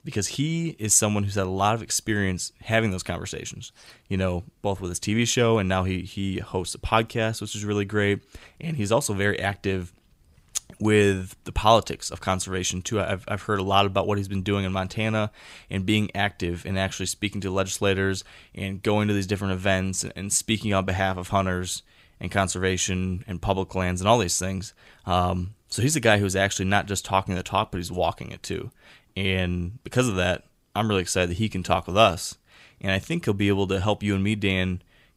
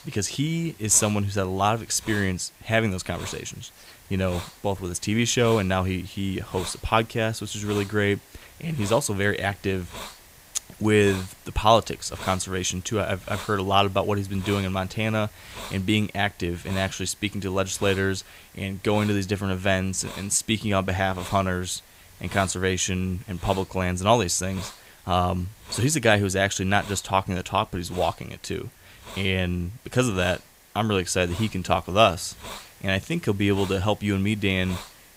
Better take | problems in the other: first | hiss; noticeable; throughout; 20 dB below the speech

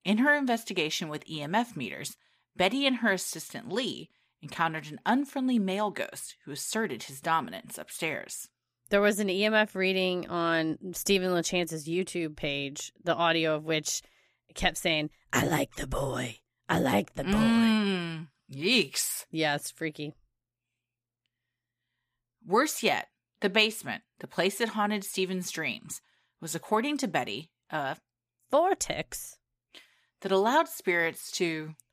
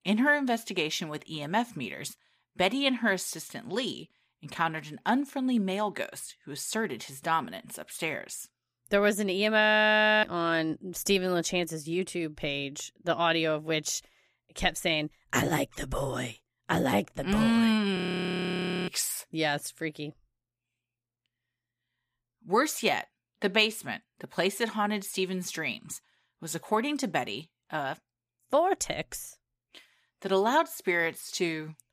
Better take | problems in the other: first | audio freezing; at 9.5 s for 0.5 s and at 18 s for 1 s

